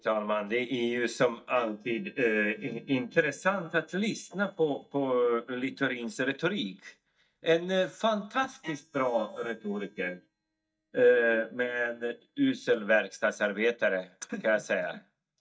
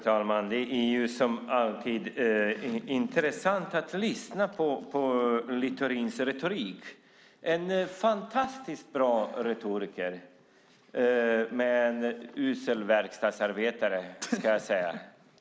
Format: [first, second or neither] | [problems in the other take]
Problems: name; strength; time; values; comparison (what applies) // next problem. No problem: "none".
second | noise reduction (neural mask model DeepFilterNet 3)